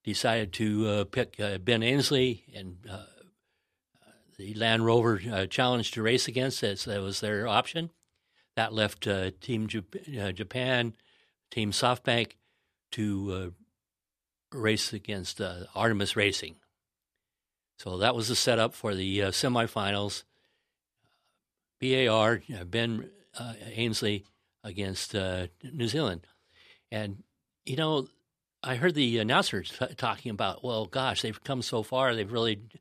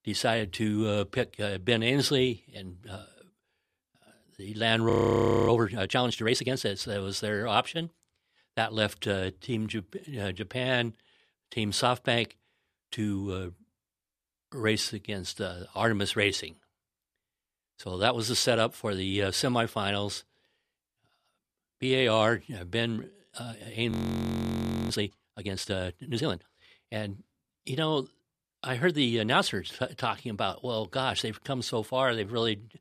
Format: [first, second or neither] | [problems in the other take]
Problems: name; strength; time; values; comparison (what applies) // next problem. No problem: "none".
first | audio freezing; at 5 s for 0.5 s and at 24 s for 1 s